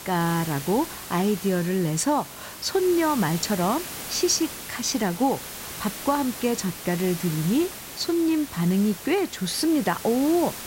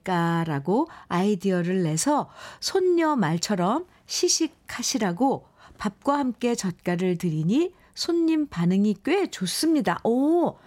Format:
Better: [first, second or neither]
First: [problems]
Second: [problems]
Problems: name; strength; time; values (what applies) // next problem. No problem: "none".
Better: second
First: hiss; noticeable; throughout; 10 dB below the speech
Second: none